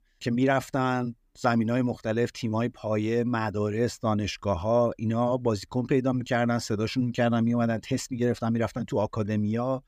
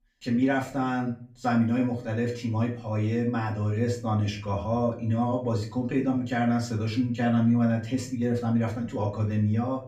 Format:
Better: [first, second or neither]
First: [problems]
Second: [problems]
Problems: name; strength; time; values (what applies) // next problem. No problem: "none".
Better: first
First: none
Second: off-mic speech; far // room echo; slight; dies away in 0.4 s